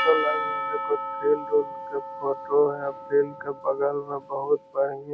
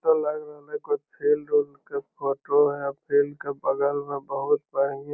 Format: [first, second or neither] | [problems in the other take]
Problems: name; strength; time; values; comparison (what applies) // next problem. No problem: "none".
second | background sound (Percussion); 6 dB below the speech